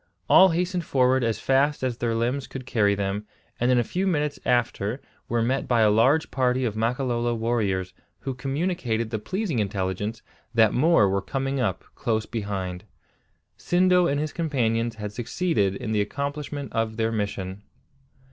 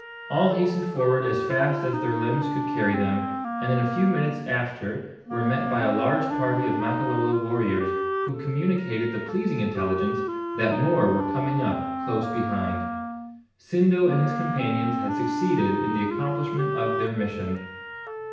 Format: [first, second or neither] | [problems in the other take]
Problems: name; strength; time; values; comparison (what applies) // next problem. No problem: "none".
first | background sound (Wind instrument, woodwind instrument); 4 dB below the speech // room echo; dies away in 0.9 s